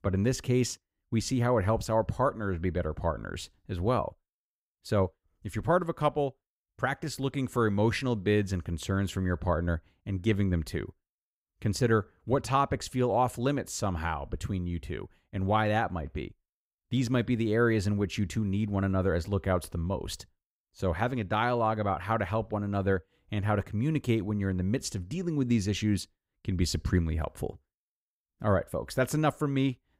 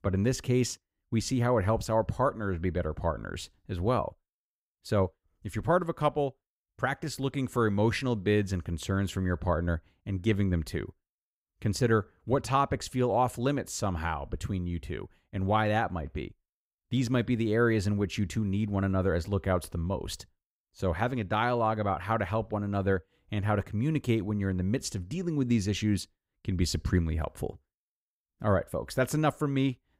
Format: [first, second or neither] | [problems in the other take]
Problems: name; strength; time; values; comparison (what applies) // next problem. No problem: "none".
neither | none